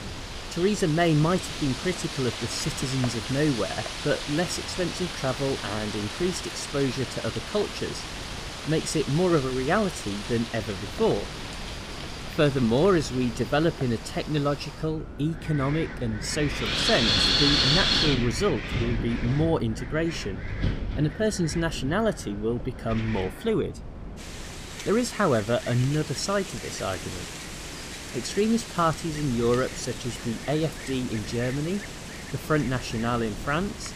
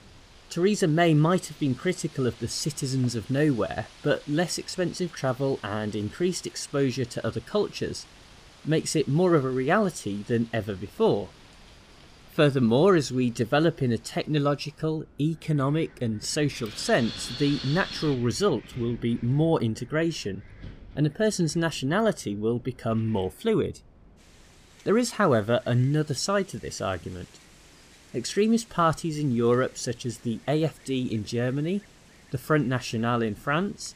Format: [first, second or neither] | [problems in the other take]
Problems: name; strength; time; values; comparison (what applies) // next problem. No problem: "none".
second | wind in the background; loud; throughout; 4 dB below the speech; faint in the second